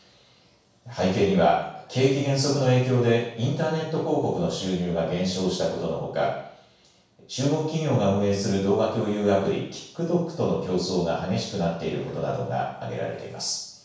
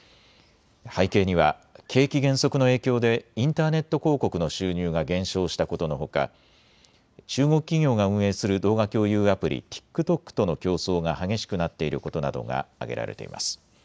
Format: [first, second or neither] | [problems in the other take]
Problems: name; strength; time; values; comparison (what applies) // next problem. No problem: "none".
second | room echo; dies away in 0.7 s